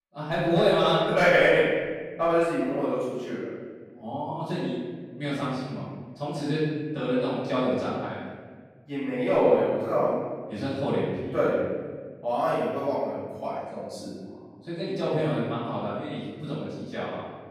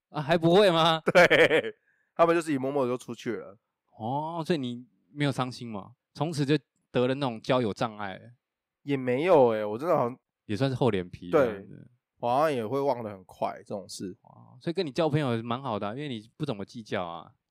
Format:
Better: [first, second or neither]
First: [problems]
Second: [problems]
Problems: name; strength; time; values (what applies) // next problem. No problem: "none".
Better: second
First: room echo; strong; dies away in 1.5 s // off-mic speech; far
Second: none